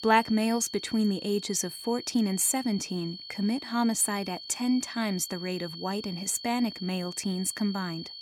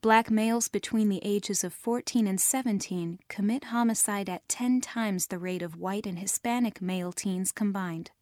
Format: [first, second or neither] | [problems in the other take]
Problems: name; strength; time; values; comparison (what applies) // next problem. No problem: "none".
second | high-pitched whine; noticeable; throughout; 4.5 kHz, 10 dB below the speech